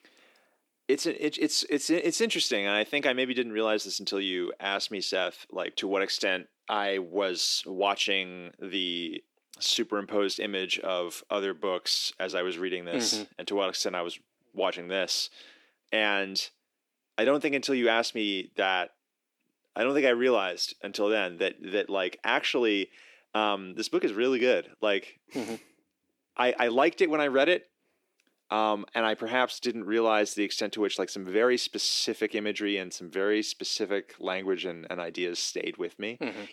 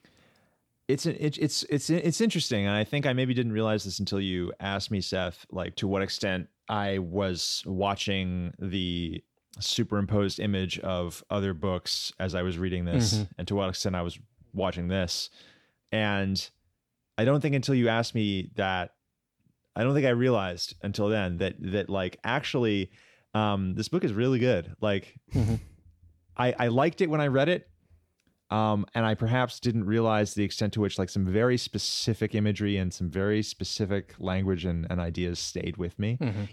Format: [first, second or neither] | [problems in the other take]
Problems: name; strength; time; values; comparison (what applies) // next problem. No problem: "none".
second | thin; somewhat; fading below 300 Hz